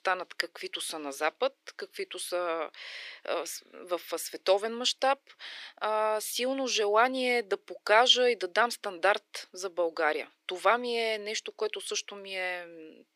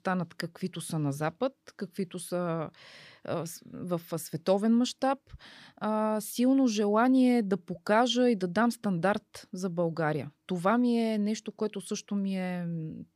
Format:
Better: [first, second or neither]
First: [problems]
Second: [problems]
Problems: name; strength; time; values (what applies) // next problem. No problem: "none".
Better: second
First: thin; very; fading below 350 Hz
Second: none